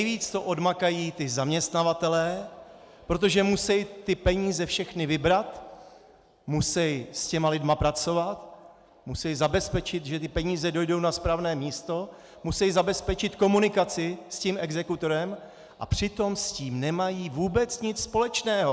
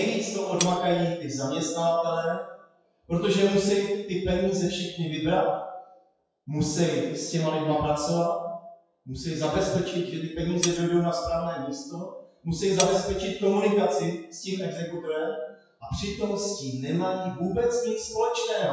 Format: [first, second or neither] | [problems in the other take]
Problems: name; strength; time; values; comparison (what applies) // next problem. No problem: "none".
first | noise reduction (classical method WPE with log-MMSE)